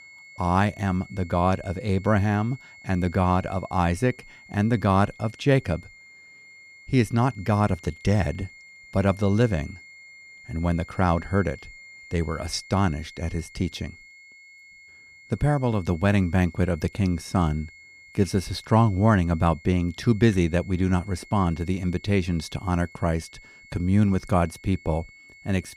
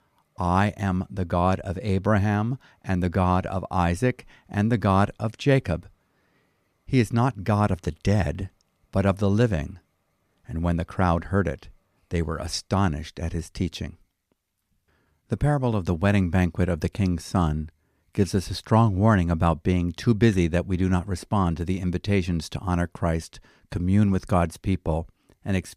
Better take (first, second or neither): second